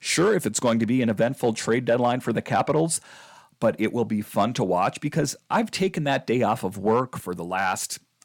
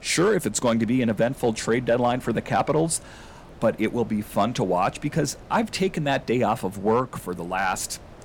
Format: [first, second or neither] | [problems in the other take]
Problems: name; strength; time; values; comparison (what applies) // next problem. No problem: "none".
first | wind noise on the microphone; occasional gusts; 25 dB below the speech